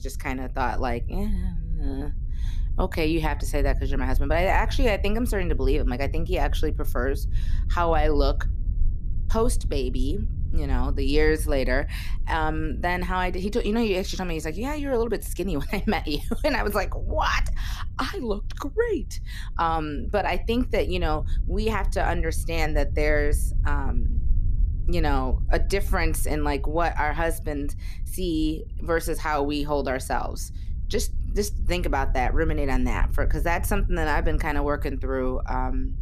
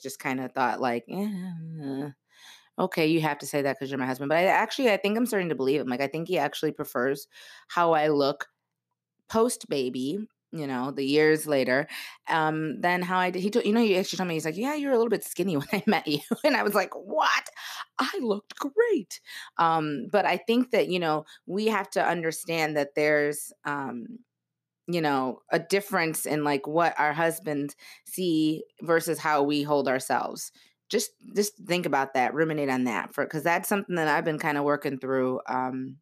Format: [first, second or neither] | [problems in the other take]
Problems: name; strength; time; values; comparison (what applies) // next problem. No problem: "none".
second | low rumble; faint; throughout; 25 dB below the speech